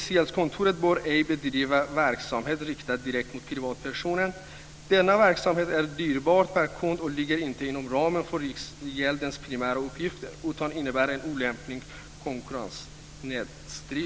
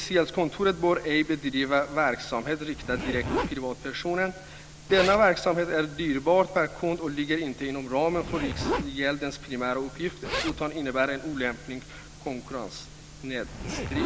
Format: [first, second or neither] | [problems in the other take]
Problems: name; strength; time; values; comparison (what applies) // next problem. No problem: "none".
first | background sound (Zipper (clothing)); 10 dB below the speech